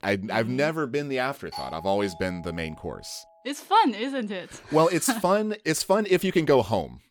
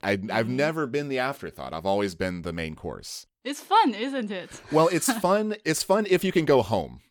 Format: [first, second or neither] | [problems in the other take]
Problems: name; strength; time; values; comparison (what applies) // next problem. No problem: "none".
second | doorbell; faint; from 1.5 to 3 s; peak 10 dB below the speech